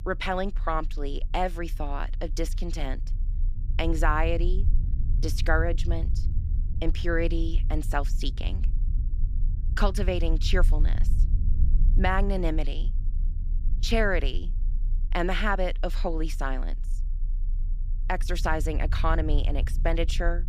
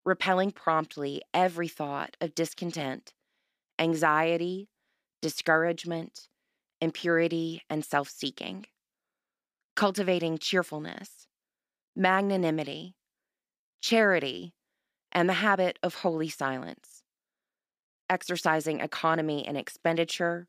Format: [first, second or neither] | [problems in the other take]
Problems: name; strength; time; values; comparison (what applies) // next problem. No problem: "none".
second | low rumble; noticeable; throughout; 20 dB below the speech